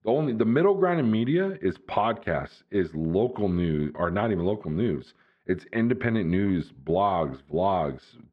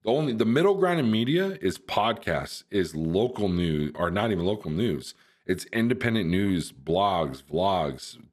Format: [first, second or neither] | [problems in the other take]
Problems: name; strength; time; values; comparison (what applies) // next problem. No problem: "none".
second | muffled; very; fading above 2 kHz